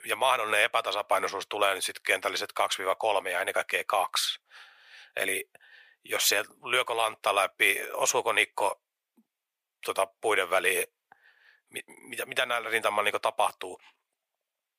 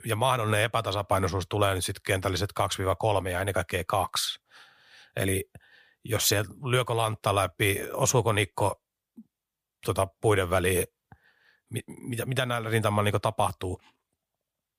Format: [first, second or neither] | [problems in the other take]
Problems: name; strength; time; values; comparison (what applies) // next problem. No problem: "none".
second | thin; very; fading below 600 Hz